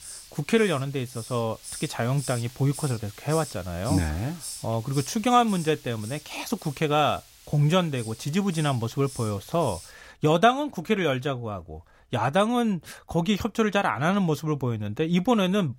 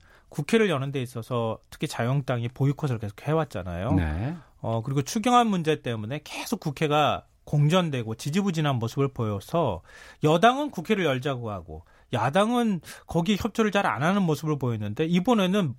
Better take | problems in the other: second | hiss; noticeable; until 10 s; 15 dB below the speech

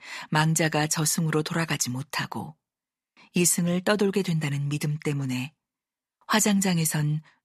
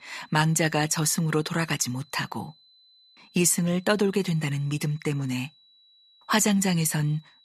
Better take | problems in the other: first | high-pitched whine; faint; throughout; 4 kHz, 30 dB below the speech

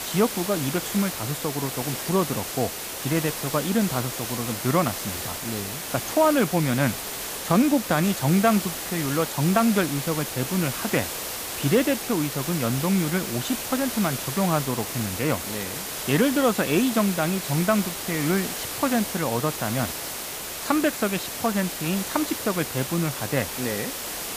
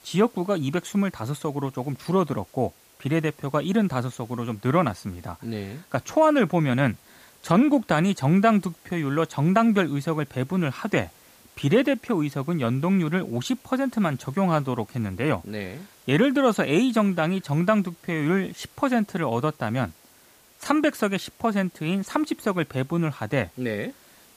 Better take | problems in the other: second | hiss; loud; throughout; 5 dB below the speech; faint in the second

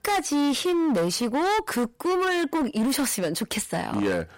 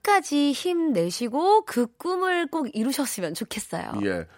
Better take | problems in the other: second | distortion; heavy; 23% of the sound clipped

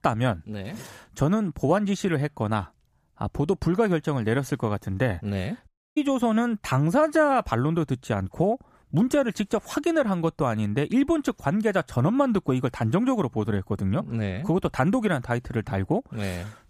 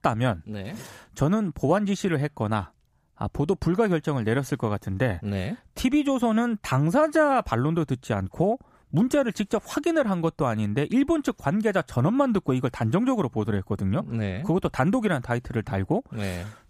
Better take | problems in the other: second | audio cutting out; at 5.5 s

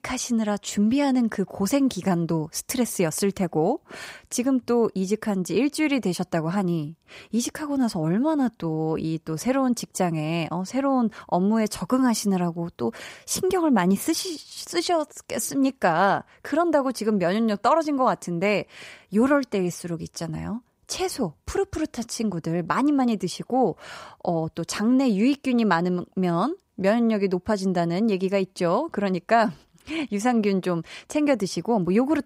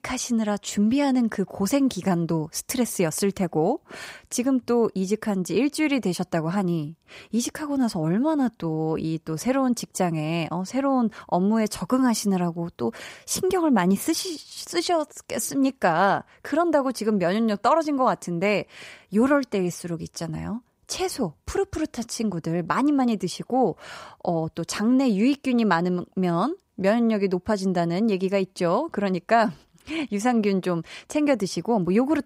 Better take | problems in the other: neither | none

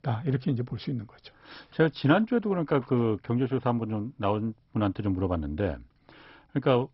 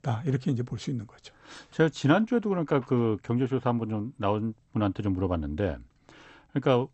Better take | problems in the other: second | garbled, watery; badly; nothing above 5.5 kHz; slightly in the second

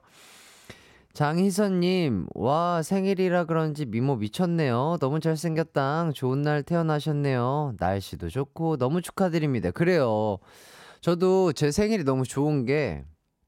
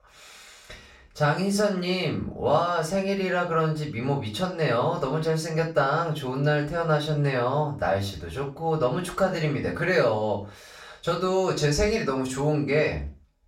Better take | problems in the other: first | room echo; slight; dies away in 0.3 s // off-mic speech; far

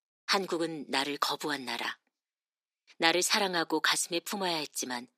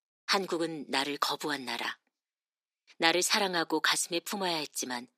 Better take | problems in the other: neither | thin; somewhat; fading below 300 Hz; the same in both

